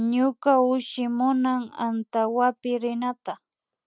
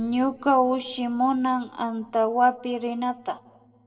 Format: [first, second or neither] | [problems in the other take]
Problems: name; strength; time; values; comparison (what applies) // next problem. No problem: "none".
first | noise reduction (neural separator model SepFormer DNS4)